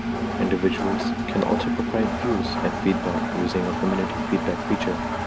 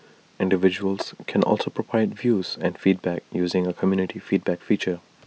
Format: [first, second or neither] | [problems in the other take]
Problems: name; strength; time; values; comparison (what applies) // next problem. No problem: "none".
second | background sound (Engine); as loud as the speech